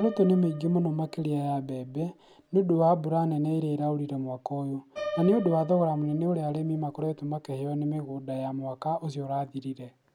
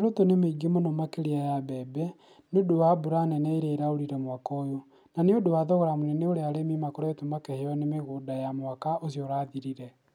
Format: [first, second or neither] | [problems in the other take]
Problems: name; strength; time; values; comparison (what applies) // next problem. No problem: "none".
second | background sound (Piano); 17 dB below the speech